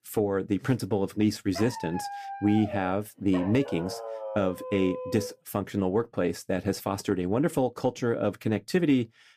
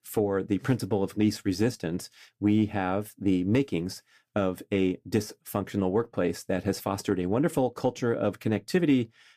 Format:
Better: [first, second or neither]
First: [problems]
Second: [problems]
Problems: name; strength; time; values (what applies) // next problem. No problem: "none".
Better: second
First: dog barking; noticeable; from 1.5 to 5.5 s; peak 7 dB below the speech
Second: none